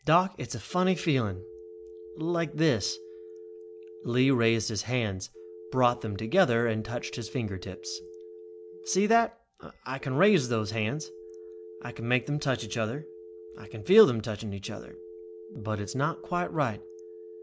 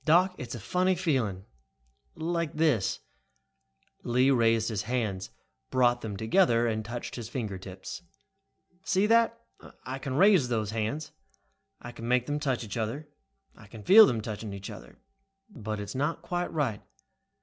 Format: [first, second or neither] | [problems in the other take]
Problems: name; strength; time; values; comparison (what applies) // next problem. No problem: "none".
second | background sound (Telephone); 16 dB below the speech